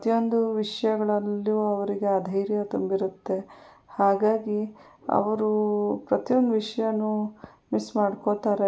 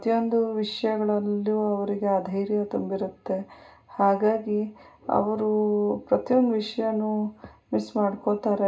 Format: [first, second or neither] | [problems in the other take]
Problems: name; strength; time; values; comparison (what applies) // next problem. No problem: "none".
first | room echo; dies away in 0.2 s